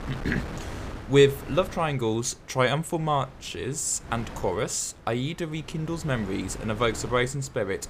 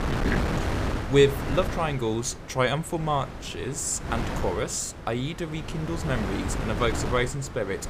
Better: first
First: wind noise on the microphone; occasional gusts; 15 dB below the speech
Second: wind noise on the microphone; heavy; 7 dB below the speech

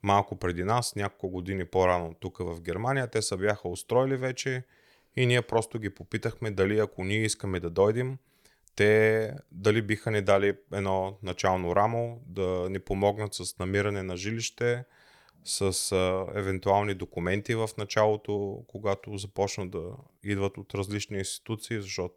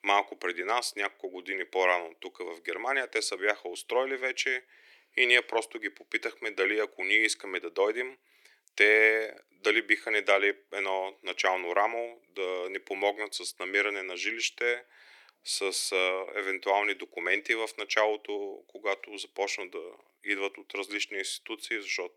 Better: first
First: none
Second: thin; very; fading below 300 Hz

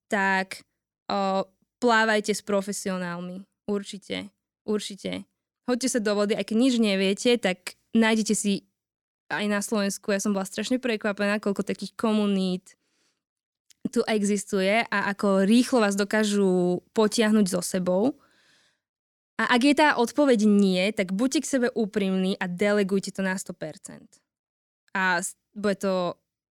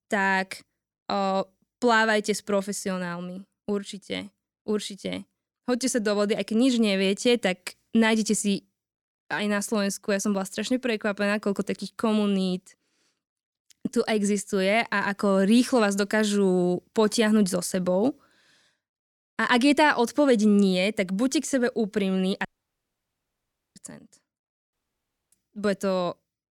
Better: first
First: none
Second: audio cutting out; at 22 s for 1.5 s and at 25 s for 0.5 s

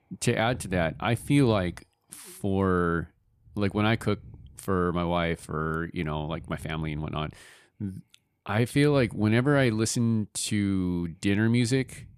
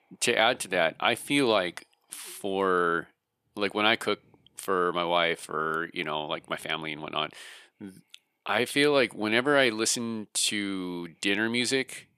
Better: first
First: none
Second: thin; somewhat; fading below 400 Hz

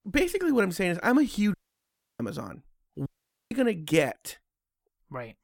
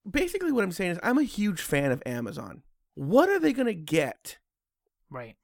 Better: second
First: audio cutting out; at 1.5 s for 0.5 s and at 3 s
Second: none

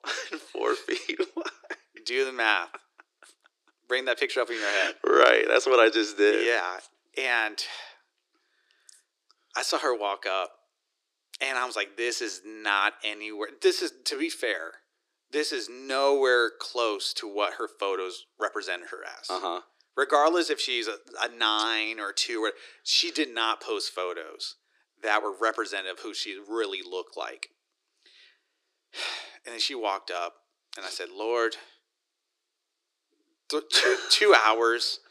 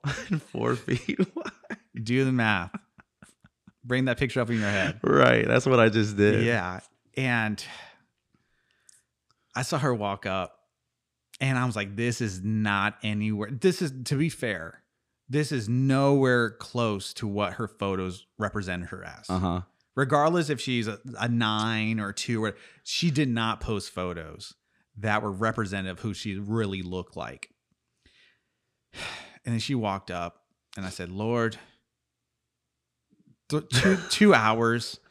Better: second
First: thin; very; fading below 300 Hz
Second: none

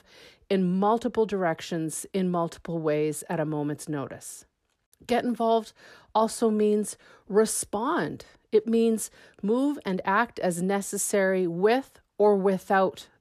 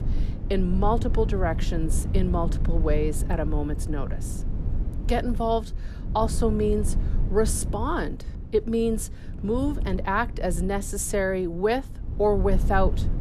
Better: first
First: none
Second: low rumble; noticeable; throughout; 15 dB below the speech

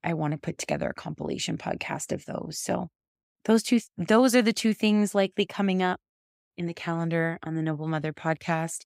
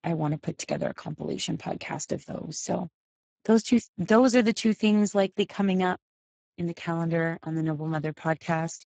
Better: first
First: none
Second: garbled, watery; badly; nothing above 7.5 kHz

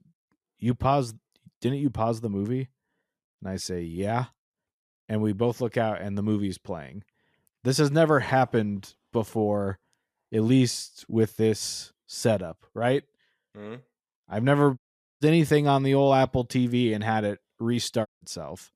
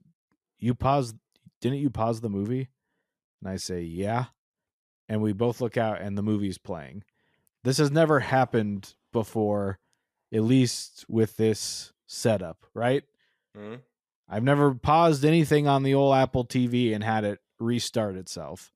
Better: second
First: audio cutting out; at 15 s and at 18 s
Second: none

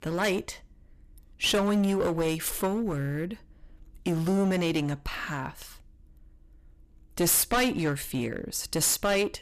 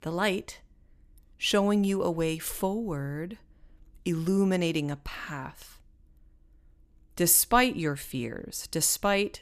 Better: second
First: distortion; heavy; 9% of the sound clipped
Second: none

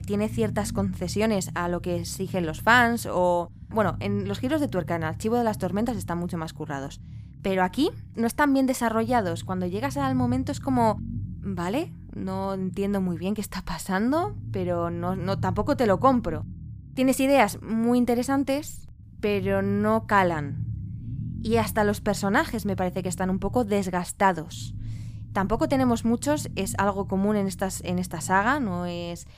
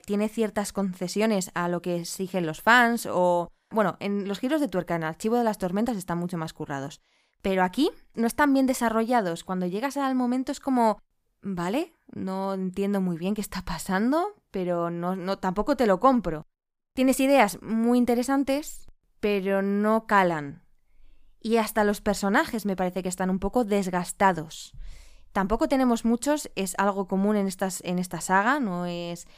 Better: second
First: low rumble; faint; throughout; 25 dB below the speech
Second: none

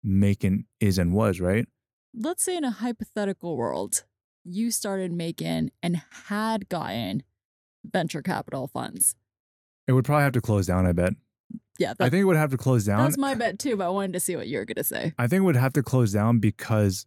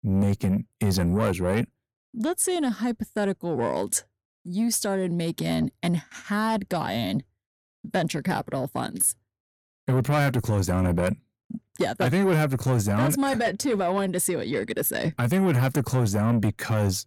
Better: first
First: none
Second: distortion; slight; 10 dB below the speech

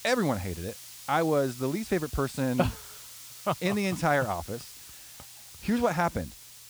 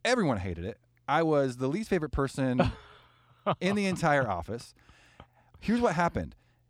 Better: second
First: hiss; noticeable; throughout; 15 dB below the speech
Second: none

